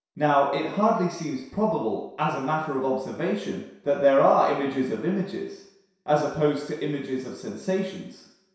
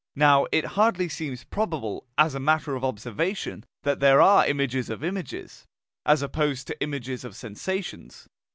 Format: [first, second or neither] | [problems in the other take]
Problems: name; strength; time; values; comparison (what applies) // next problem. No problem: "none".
second | room echo; dies away in 0.7 s